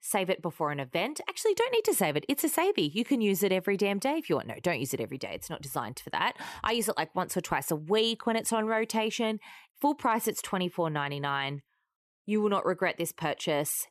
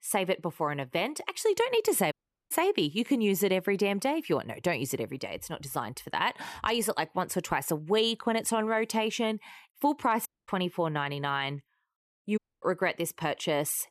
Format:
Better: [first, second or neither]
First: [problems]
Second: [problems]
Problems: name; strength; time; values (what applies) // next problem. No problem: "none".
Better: first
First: none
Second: audio cutting out; at 2 s, at 10 s and at 12 s